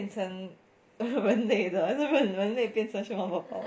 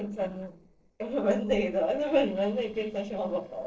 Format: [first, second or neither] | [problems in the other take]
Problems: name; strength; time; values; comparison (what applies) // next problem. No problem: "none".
first | noise reduction (neural separator model SepFormer DNS4)